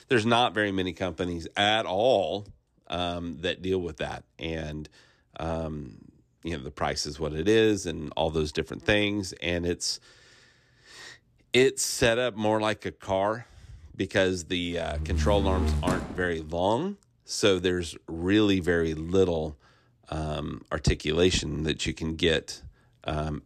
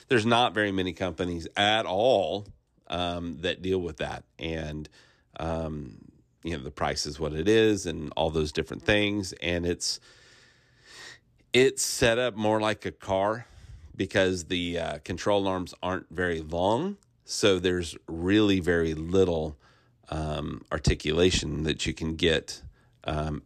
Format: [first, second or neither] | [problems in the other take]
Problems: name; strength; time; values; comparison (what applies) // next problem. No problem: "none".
second | door banging; noticeable; from 15 to 16 s; peak 1 dB below the speech